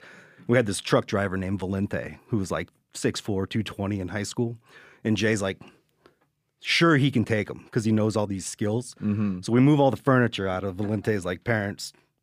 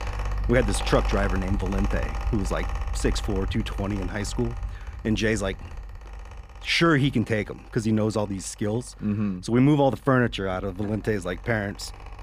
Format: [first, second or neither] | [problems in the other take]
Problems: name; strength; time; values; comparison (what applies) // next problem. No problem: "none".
first | machinery noise; loud; throughout; 8 dB below the speech